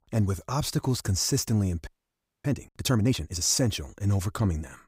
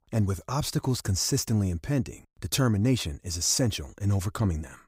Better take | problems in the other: second | audio freezing; at 2 s for 0.5 s

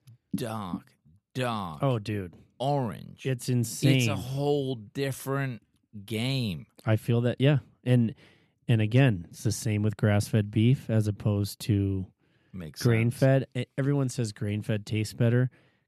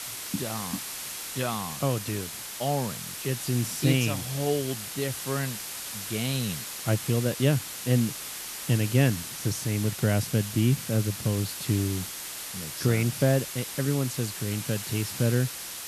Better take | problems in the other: first | hiss; loud; throughout; 6 dB below the speech

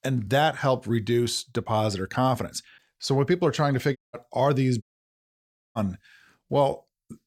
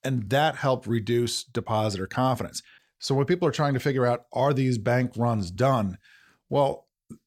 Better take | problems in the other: second | audio cutting out; at 4 s and at 5 s for 1 s

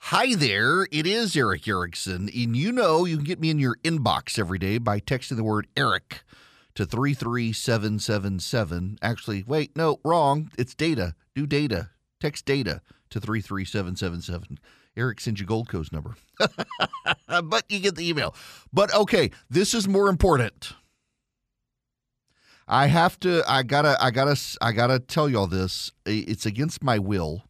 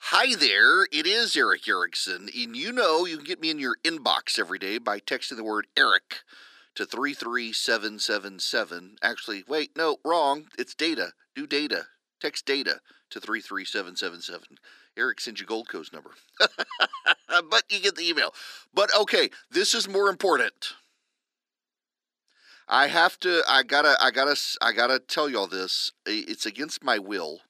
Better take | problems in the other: first | thin; somewhat; fading below 300 Hz

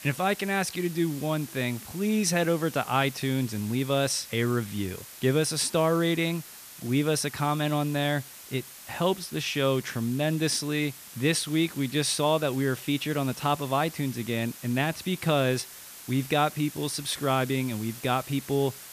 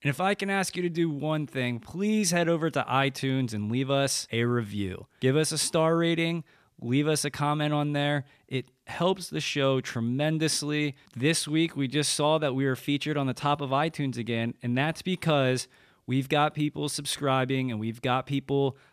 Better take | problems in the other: second | hiss; noticeable; throughout; 15 dB below the speech

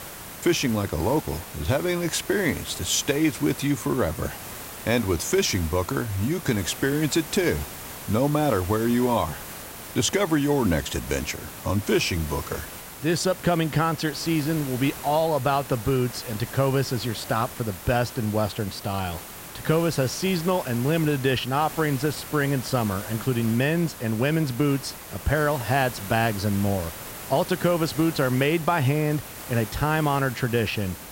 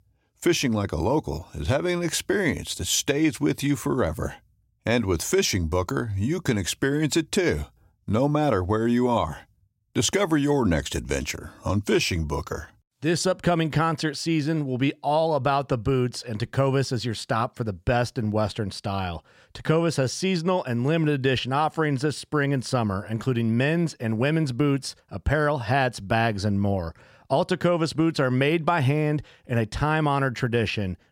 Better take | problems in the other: second | hiss; noticeable; throughout; 10 dB below the speech

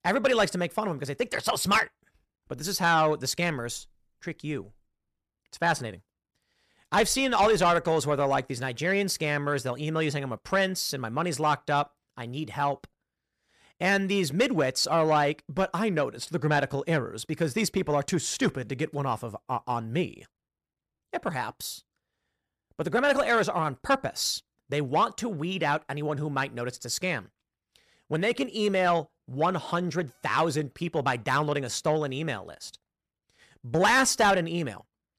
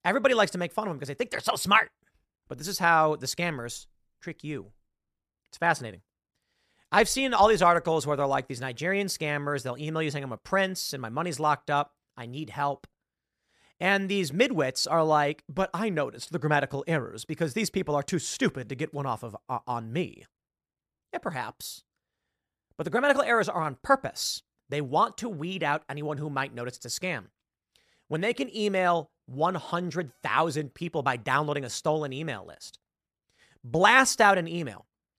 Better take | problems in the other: second | distortion; slight; 10 dB below the speech

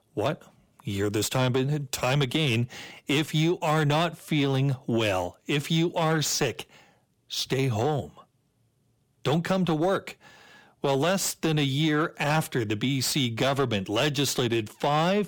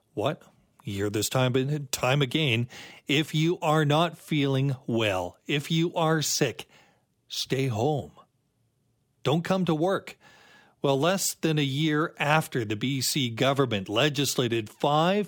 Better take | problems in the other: second | distortion; slight; 10 dB below the speech

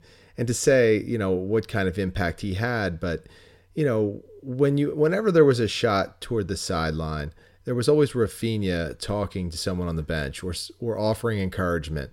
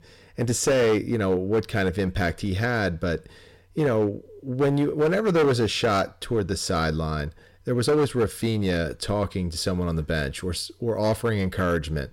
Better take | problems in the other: first | distortion; slight; 7% of the sound clipped

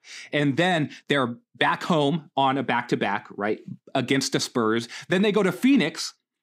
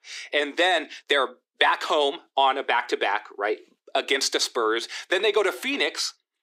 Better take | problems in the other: first | thin; very; fading below 350 Hz

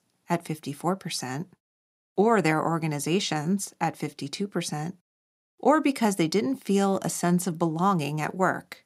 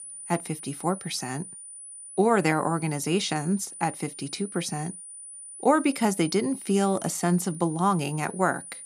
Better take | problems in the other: first | high-pitched whine; noticeable; throughout; 9.5 kHz, 10 dB below the speech

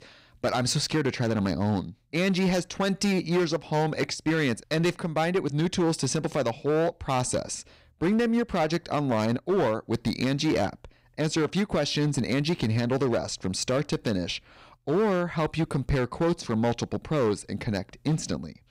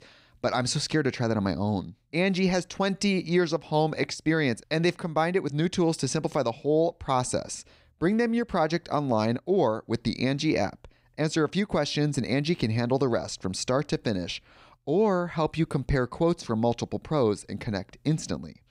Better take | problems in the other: second | distortion; slight; 10% of the sound clipped

